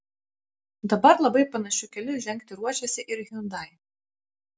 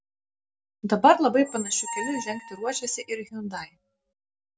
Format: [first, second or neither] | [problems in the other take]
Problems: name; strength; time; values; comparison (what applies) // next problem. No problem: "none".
first | background sound (Squeak); 11 dB below the speech